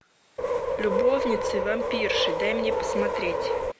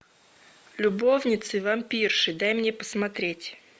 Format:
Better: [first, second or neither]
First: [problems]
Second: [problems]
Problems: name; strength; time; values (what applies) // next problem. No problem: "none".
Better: second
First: background sound (Subway, metro, underground); 3 dB above the speech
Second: none